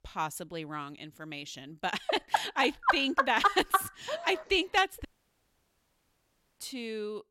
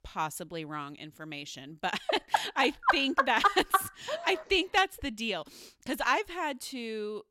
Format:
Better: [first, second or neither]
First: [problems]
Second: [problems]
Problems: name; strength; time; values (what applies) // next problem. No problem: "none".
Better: second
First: audio cutting out; at 5 s for 1.5 s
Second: none